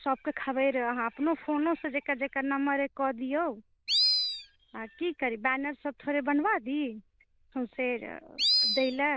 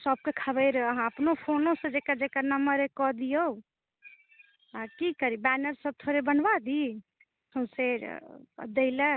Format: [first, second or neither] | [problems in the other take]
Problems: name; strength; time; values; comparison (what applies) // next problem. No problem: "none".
second | noise reduction (neural diffusion model UNIVERSE++)